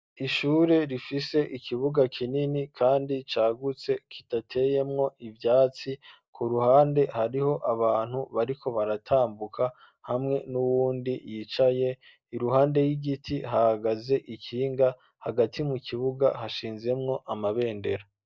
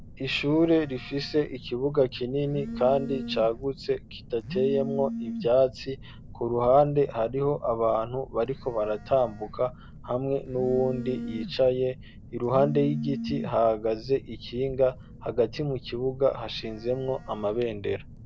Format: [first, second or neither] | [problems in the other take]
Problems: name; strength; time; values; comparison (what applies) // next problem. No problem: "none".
first | background sound (Telephone); 12 dB below the speech